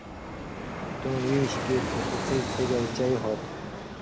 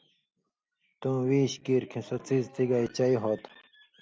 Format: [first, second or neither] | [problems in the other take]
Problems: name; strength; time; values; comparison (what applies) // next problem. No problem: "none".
second | background sound (Fixed-wing aircraft, airplane); 2 dB below the speech